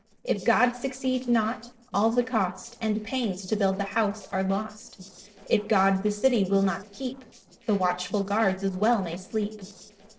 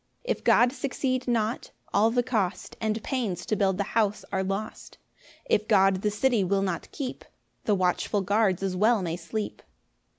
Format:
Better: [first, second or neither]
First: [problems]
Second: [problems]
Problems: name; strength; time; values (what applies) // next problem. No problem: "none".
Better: second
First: noise reduction (neural separator model SepFormer DNS4)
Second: none